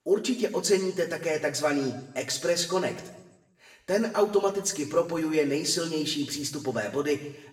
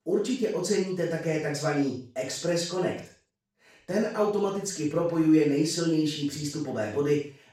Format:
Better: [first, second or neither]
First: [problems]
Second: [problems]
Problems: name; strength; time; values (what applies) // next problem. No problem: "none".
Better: first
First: room echo; slight; dies away in 0.9 s // off-mic speech; far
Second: room echo; strong; dies away in 0.4 s // off-mic speech; far